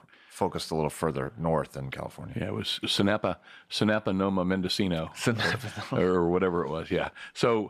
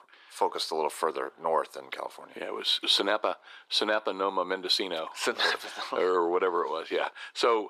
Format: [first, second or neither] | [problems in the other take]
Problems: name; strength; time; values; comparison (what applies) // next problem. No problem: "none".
first | thin; very; fading below 350 Hz